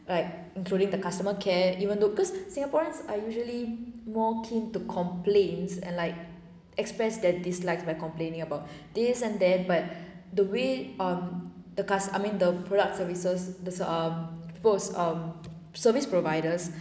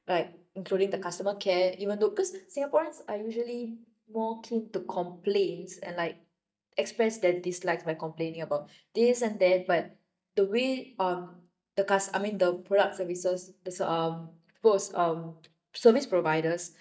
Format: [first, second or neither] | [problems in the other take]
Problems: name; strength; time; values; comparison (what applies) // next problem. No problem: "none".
first | noise reduction (neural mask model DeepFilterNet 3)